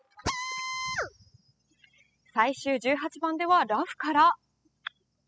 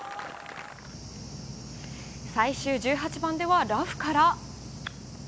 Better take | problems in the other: second | noise reduction (classical method spectral subtraction)

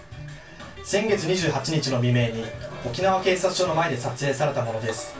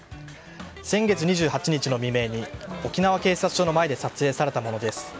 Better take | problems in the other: second | room echo; dies away in 0.1 s

